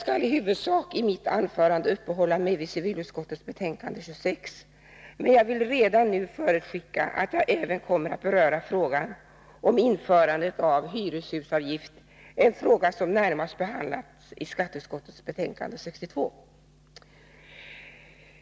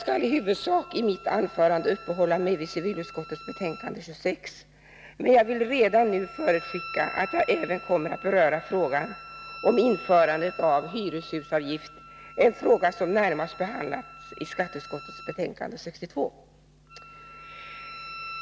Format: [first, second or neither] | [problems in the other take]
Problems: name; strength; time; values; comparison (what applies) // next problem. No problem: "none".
first | background sound (Wind instrument, woodwind instrument); 17 dB below the speech